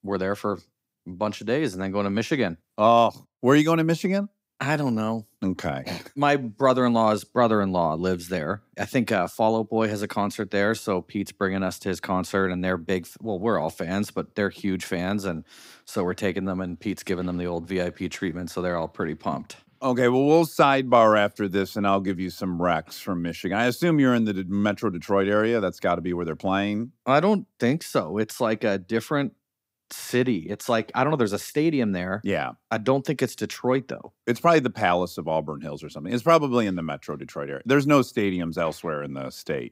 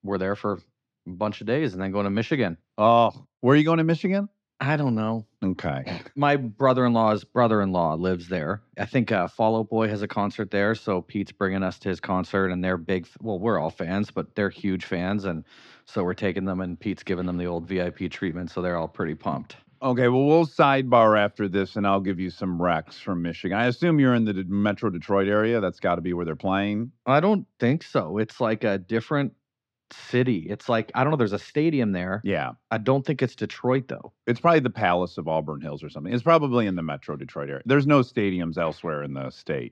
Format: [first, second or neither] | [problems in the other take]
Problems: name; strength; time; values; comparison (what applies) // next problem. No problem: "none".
first | muffled; very slightly; fading above 4 kHz